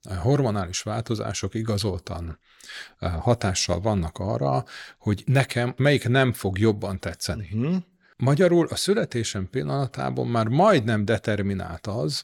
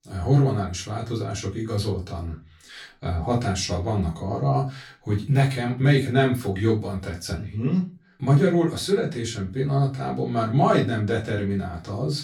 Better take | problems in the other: first | off-mic speech; far // room echo; very slight; dies away in 0.3 s

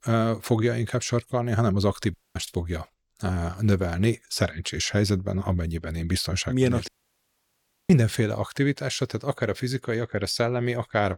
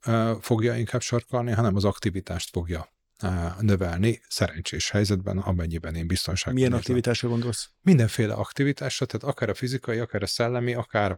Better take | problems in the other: second | audio cutting out; at 2 s and at 7 s for 1 s

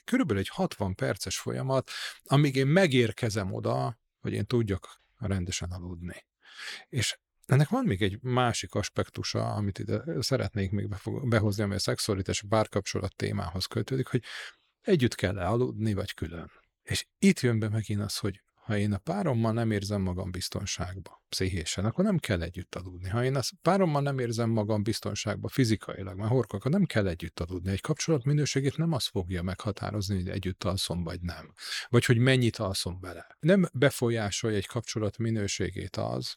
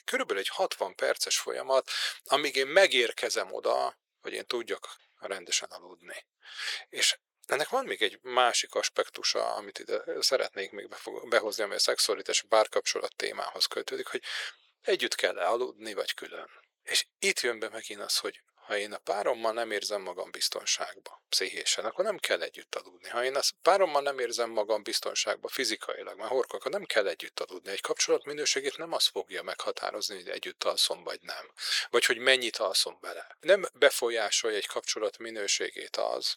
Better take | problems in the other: first | thin; very; fading below 450 Hz

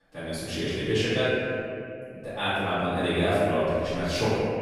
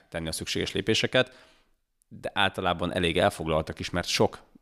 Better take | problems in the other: second | off-mic speech; far // room echo; strong; dies away in 2.3 s

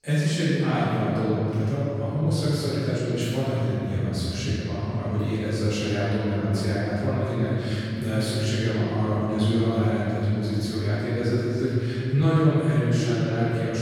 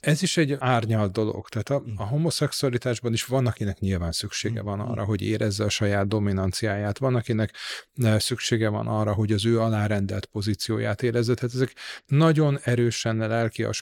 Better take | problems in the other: second | room echo; strong; dies away in 3 s // off-mic speech; far

